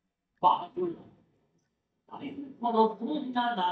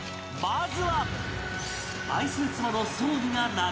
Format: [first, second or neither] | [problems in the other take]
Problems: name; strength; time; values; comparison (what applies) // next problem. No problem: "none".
second | noise reduction (neural mask model DeepFilterNet 3)